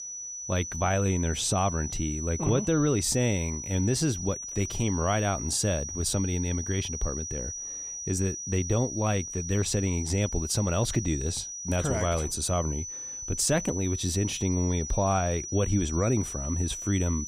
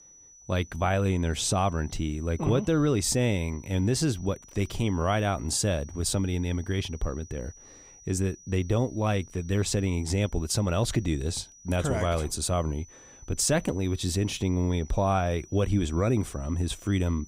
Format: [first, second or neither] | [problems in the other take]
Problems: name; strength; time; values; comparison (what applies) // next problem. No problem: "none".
second | high-pitched whine; loud; throughout; 6 kHz, 6 dB below the speech; faint in the second